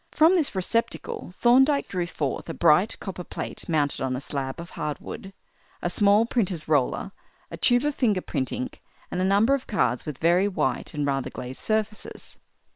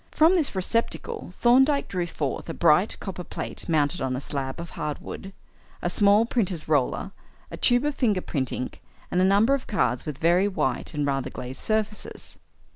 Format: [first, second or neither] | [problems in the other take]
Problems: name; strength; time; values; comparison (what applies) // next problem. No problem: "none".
second | noise reduction (neural separator model SepFormer WHAM!)